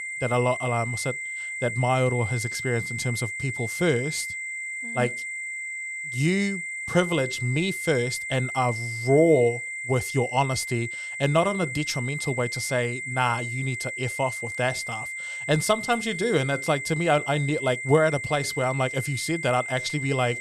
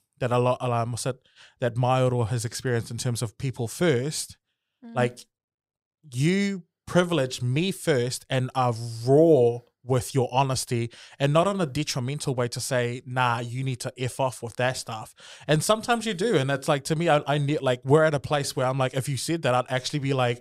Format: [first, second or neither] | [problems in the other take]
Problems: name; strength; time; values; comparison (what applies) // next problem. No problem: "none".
second | high-pitched whine; loud; throughout; 2 kHz, 5 dB below the speech